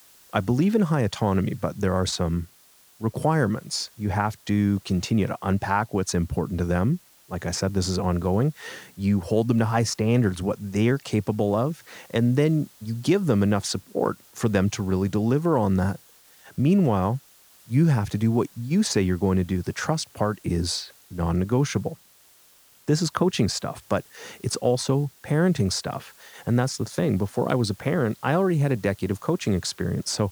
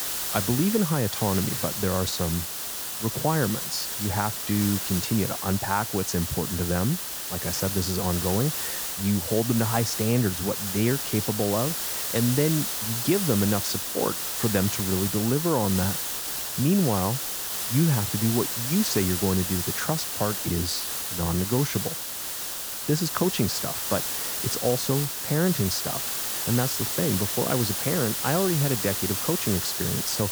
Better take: first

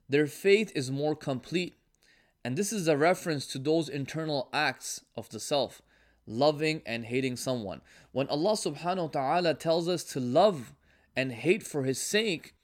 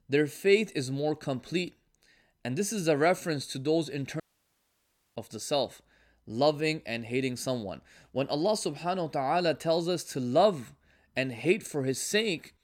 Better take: first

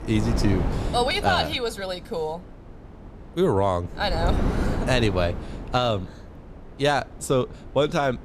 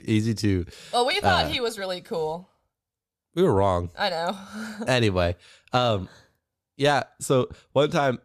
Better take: second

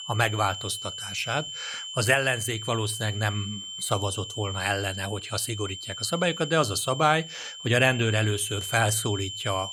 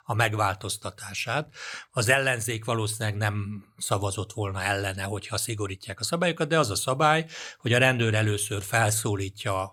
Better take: second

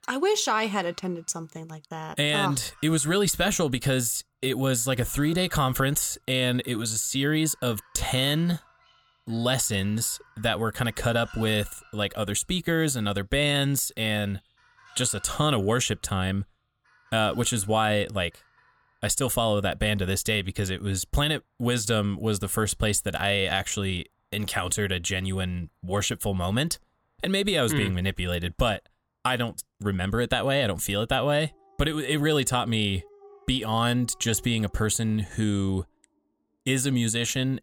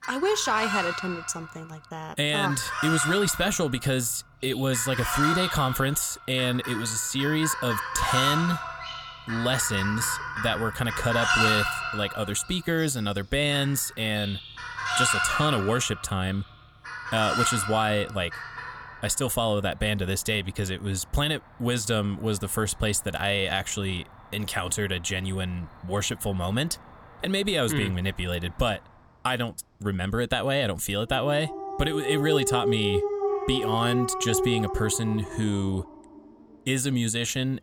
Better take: first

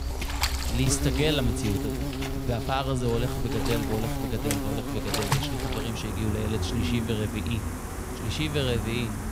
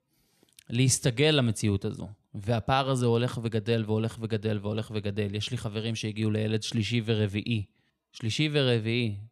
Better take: second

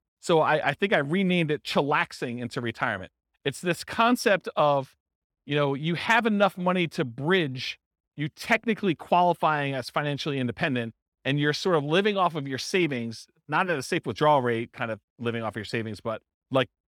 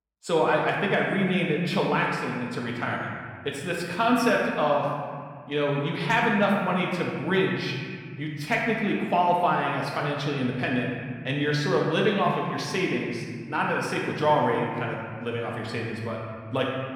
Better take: first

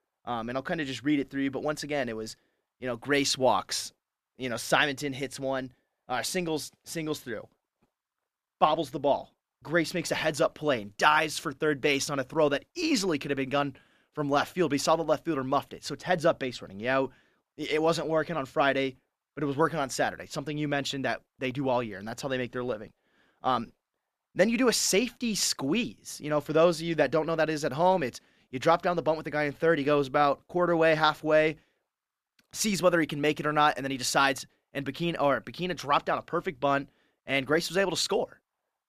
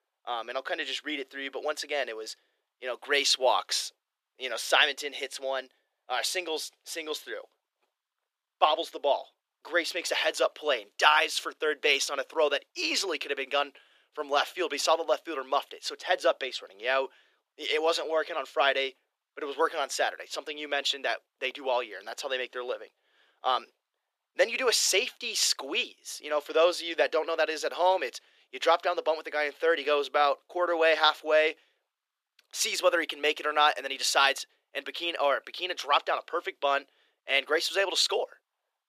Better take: first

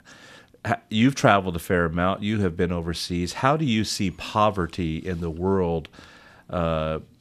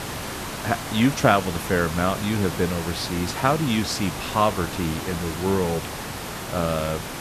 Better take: first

